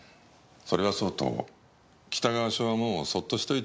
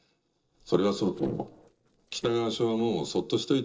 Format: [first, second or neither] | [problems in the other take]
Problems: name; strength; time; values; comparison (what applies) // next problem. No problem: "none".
first | noise reduction (neural separator model SepFormer DNS4)